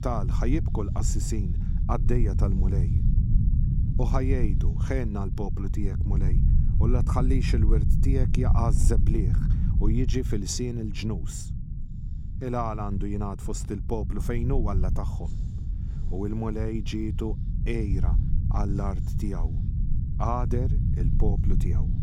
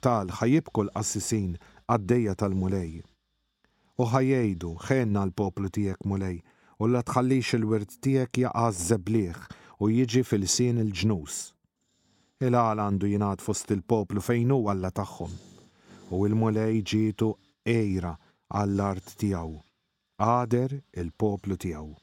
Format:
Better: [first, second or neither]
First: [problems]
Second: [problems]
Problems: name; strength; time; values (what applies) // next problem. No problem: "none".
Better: second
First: low rumble; loud; throughout; 7 dB below the speech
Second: none